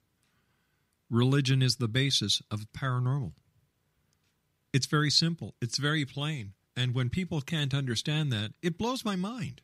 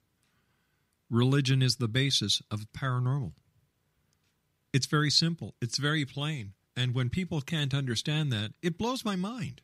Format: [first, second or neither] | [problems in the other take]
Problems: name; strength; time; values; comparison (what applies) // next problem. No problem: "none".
neither | none